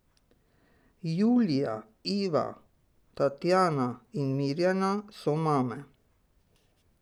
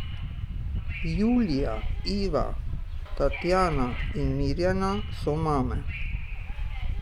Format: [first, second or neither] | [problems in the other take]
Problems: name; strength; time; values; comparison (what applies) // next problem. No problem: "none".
first | background sound (Subway, metro, underground / Wind); 1 dB below the speech